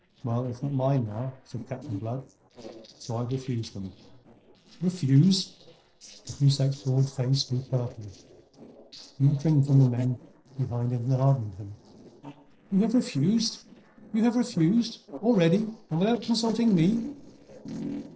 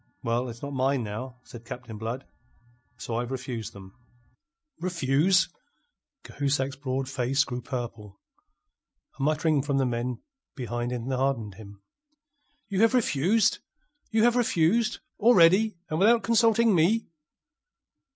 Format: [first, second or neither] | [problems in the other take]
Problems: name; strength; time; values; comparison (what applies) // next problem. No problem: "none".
second | noise reduction (neural separator model SepFormer DNS4)